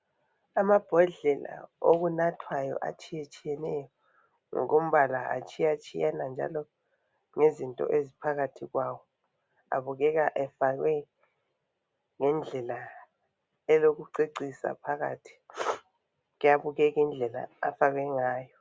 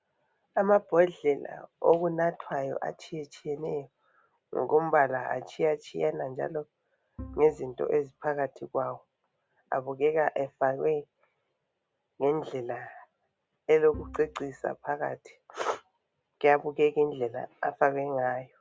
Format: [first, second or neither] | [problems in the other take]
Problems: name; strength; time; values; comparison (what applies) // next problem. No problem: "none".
first | background sound (Bowed string instrument); 18 dB below the speech